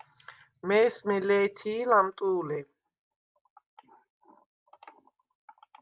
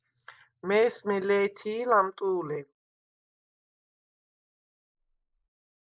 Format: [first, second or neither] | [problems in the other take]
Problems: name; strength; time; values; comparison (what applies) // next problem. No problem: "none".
first | noise reduction (neural mask model Resemble Enhance denoiser)